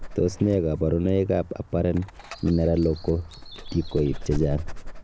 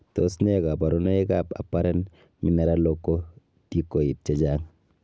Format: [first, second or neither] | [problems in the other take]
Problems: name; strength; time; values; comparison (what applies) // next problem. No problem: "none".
second | background sound (Dog); 11 dB below the speech